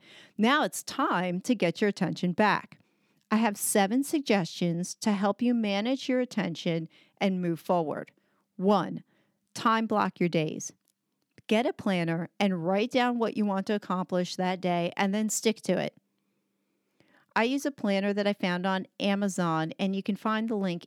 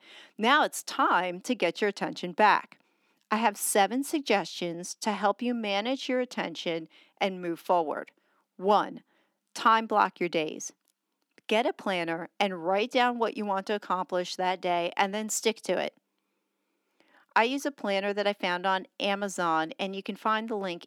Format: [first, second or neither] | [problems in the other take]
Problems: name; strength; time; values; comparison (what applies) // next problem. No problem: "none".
first | thin; somewhat; fading below 250 Hz